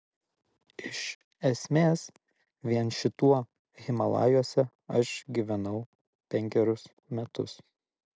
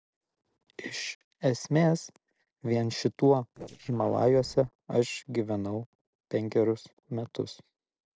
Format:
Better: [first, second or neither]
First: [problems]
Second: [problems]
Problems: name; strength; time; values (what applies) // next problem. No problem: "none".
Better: first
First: none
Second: noise reduction (neural separator model SepFormer DNS4)